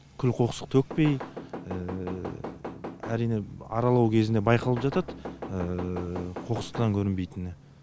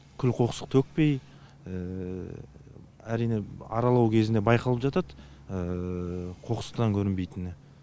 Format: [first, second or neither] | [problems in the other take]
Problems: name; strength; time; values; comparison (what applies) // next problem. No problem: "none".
second | background sound (Knock / Wood); 11 dB below the speech